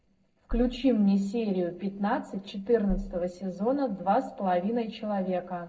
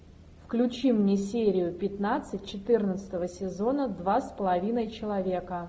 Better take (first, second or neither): second